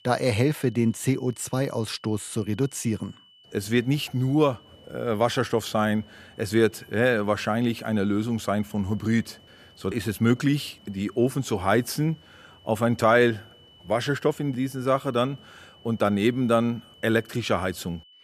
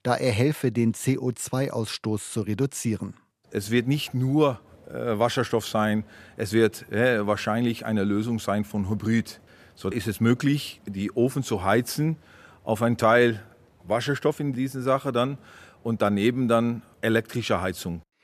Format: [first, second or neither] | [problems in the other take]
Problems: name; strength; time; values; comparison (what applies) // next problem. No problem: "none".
second | high-pitched whine; faint; throughout; 3 kHz, 30 dB below the speech